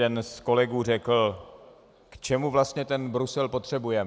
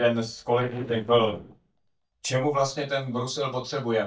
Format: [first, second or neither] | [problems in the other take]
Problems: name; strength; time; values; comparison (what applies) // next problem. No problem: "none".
first | noise reduction (neural mask model DeepFilterNet 3)